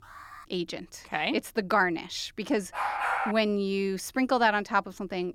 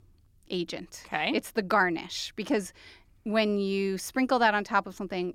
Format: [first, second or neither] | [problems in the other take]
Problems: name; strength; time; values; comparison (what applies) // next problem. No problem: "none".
second | alarm; faint; at the start; peak 20 dB below the speech // dog barking; loud; at 2.5 s; peak level with the speech